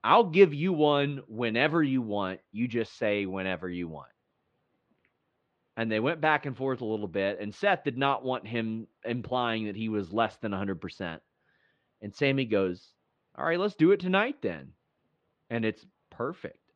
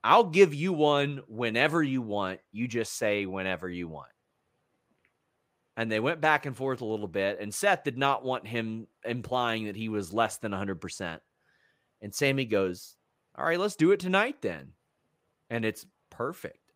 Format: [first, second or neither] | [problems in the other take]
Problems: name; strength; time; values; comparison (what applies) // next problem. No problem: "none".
second | muffled; slightly; fading above 4 kHz